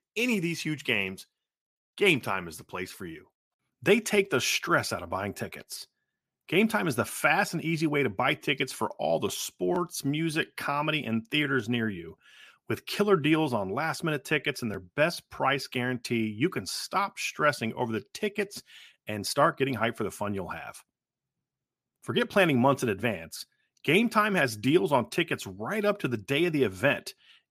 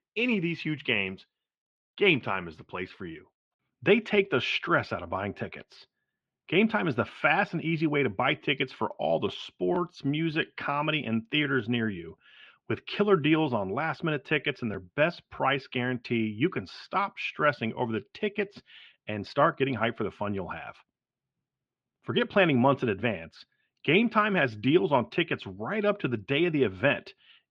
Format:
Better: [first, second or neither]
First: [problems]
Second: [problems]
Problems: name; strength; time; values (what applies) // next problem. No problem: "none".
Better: first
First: none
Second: muffled; slightly; fading above 3.5 kHz